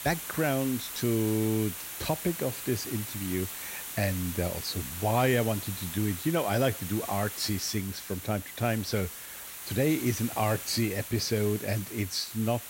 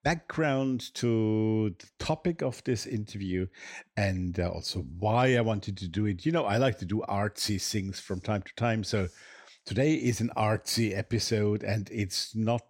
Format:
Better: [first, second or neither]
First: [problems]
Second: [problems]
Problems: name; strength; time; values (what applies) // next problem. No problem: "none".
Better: second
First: hiss; loud; throughout; 7 dB below the speech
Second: none